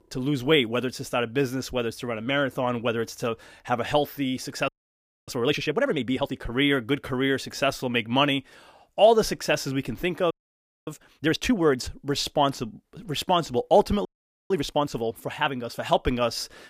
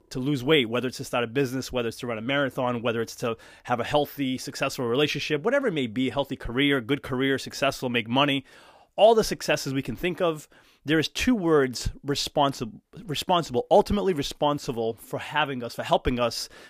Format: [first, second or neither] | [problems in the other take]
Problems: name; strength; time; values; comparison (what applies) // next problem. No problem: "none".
second | audio freezing; at 4.5 s for 0.5 s, at 10 s for 0.5 s and at 14 s